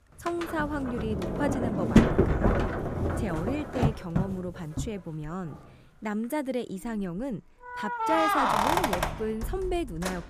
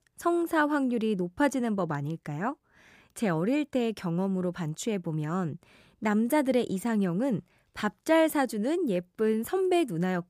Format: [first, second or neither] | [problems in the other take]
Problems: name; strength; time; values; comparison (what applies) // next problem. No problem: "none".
second | household noises; very loud; throughout; 5 dB above the speech